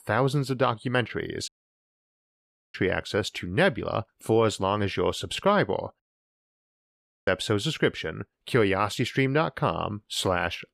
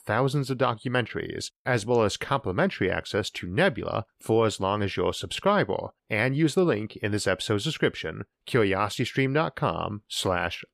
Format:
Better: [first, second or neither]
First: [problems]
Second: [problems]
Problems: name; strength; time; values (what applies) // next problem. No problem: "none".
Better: second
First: audio cutting out; at 1.5 s for 1.5 s and at 6 s for 1.5 s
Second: none